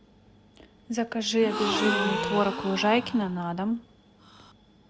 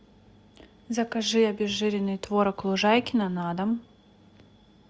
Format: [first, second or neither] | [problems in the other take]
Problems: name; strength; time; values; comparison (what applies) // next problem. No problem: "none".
second | background sound (Gasp); 4 dB below the speech